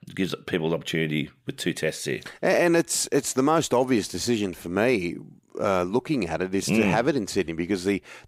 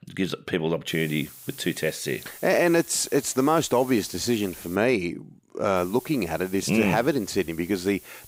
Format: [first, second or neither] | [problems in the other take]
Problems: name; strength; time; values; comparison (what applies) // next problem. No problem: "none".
first | hiss; noticeable; from 1 to 5 s and from 6 s on; 20 dB below the speech